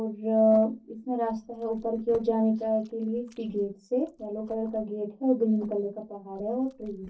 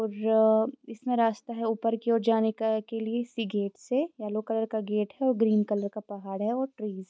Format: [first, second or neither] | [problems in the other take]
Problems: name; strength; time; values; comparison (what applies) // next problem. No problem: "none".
second | noise reduction (neural separator model SepFormer DNS4)